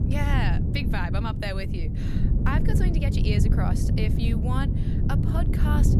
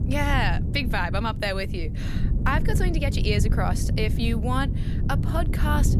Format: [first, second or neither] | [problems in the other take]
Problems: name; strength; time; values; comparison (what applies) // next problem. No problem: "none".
second | wind noise on the microphone; heavy; 3 dB below the speech; occasional gusts in the second